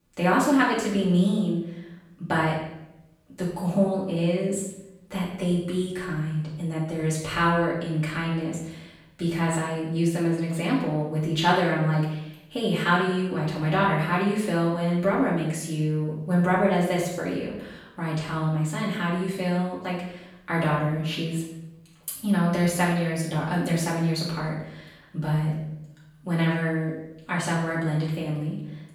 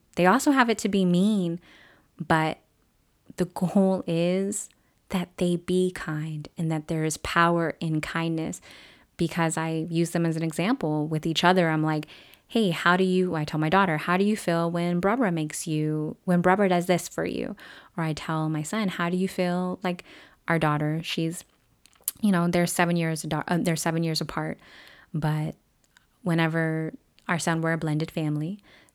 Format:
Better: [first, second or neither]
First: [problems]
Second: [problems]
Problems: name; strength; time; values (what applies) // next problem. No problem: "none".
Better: second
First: off-mic speech; far // room echo; noticeable; dies away in 0.8 s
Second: none